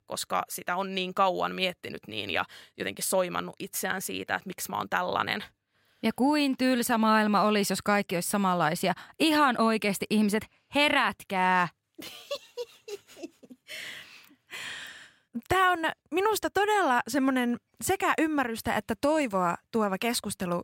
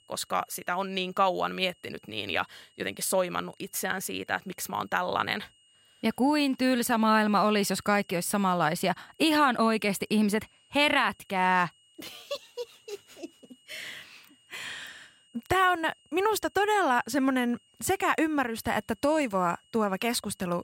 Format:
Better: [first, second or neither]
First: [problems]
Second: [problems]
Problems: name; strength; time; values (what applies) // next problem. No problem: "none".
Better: first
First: none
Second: high-pitched whine; faint; throughout; 3 kHz, 35 dB below the speech